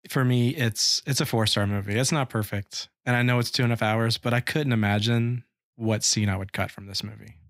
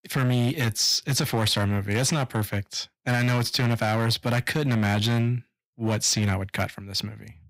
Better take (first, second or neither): first